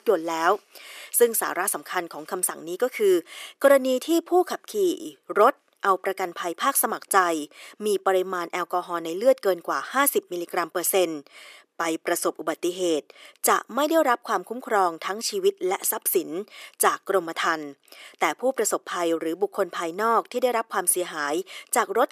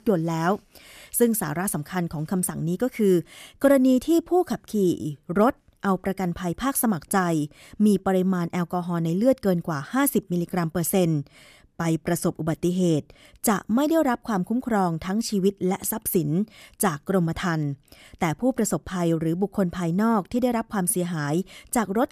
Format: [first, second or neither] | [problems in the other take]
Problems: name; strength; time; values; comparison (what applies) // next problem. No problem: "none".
second | thin; very; fading below 400 Hz